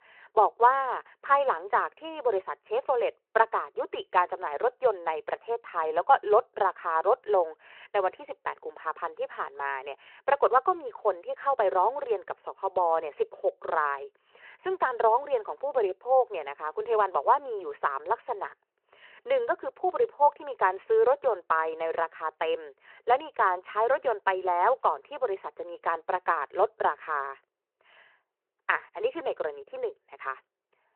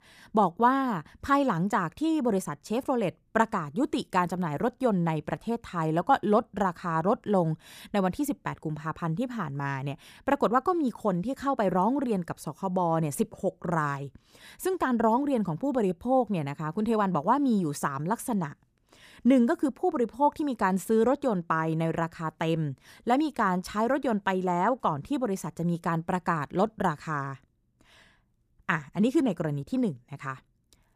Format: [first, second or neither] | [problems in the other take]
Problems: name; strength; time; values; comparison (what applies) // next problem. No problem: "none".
second | phone-call audio